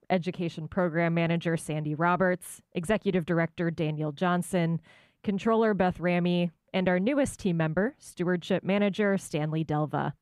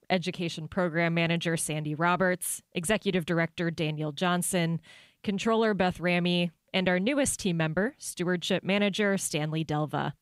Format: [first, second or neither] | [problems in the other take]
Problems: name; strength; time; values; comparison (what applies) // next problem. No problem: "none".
second | muffled; slightly; fading above 2.5 kHz